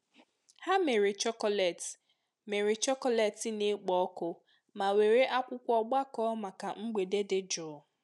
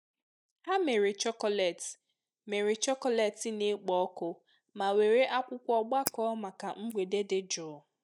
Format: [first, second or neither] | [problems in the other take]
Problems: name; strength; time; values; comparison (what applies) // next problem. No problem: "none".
first | noise reduction (neural mask model DeepFilterNet 3)